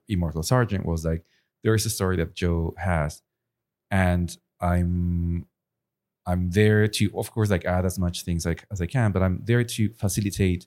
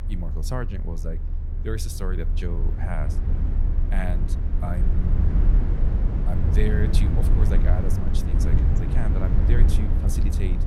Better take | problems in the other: first | low rumble; loud; throughout; 1 dB below the speech

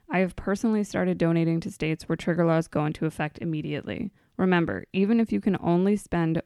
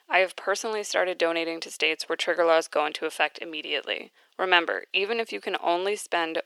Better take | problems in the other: first | thin; very; fading below 450 Hz

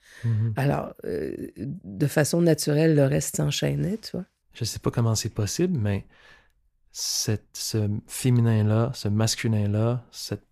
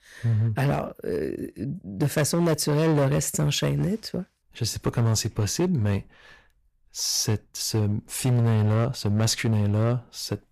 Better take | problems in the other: first | distortion; slight; 9% of the sound clipped

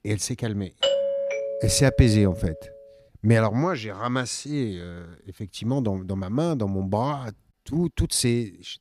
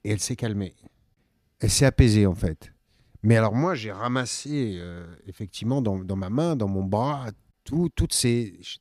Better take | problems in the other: second | doorbell; loud; from 1 to 2.5 s; peak 2 dB above the speech

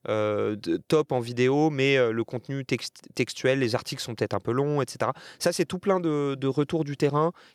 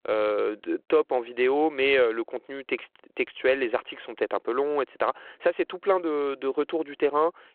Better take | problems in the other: first | phone-call audio

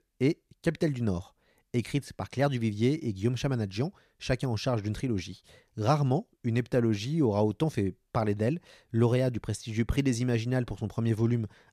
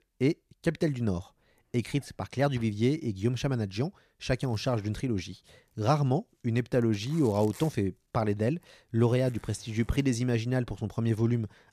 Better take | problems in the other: first | household noises; faint; throughout; 25 dB below the speech

